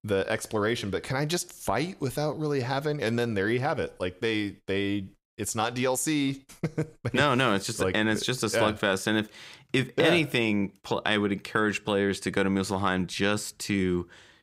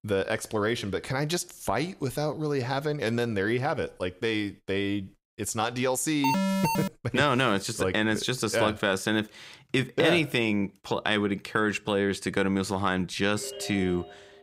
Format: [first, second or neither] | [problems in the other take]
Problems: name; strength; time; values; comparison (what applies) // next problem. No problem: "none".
first | alarm; loud; at 6 s; peak 2 dB above the speech // phone ringing; faint; from 13 s on; peak 10 dB below the speech